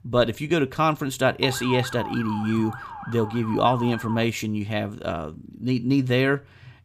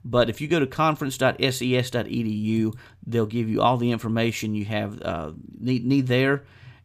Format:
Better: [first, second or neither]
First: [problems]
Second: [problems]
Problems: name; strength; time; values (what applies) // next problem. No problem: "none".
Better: second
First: siren; noticeable; from 1.5 to 4 s; peak 8 dB below the speech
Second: none